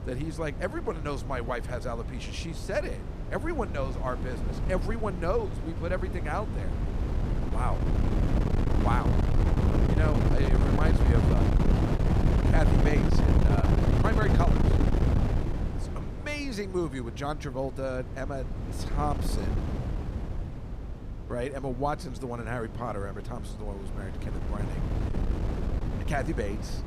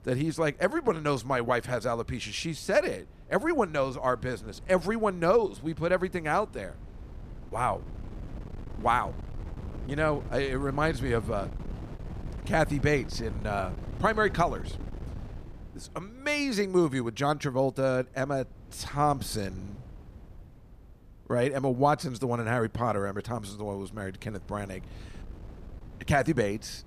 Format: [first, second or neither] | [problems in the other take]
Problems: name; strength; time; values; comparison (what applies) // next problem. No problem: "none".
second | wind noise on the microphone; heavy; 2 dB below the speech; occasional gusts in the second